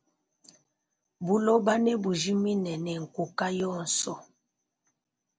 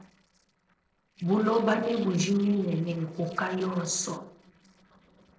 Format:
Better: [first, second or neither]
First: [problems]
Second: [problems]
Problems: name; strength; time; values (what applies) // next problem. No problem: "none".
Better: first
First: none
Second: noise reduction (neural separator model SepFormer DNS4)